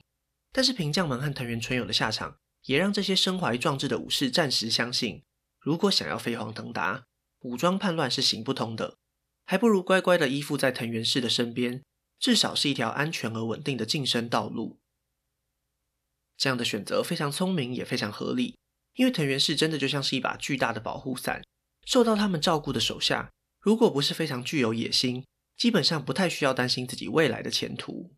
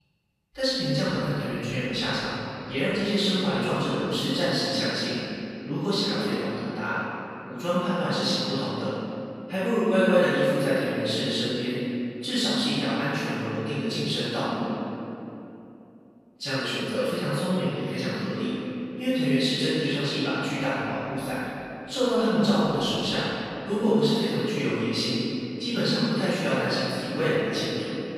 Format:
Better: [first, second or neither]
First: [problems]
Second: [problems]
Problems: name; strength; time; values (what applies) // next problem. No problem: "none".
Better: first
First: none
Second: room echo; strong; dies away in 2.8 s // off-mic speech; far